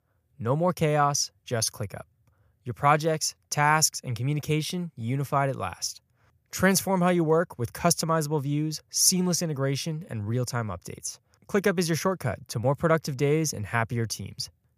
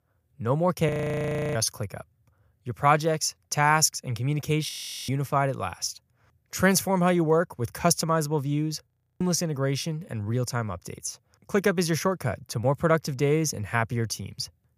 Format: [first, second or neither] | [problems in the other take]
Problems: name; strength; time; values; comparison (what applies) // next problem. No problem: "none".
first | audio freezing; at 1 s for 0.5 s, at 4.5 s and at 9 s